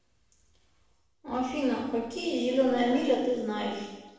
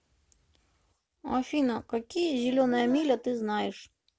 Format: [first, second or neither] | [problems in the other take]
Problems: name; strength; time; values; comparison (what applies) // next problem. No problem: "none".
second | room echo; dies away in 1.1 s